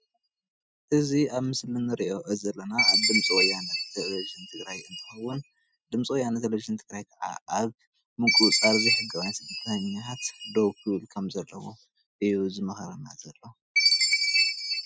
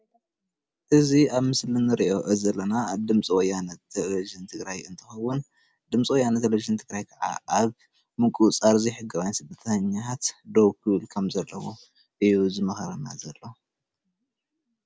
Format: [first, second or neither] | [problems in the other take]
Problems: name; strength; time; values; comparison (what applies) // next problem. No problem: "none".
second | noise reduction (classical method spectral subtraction)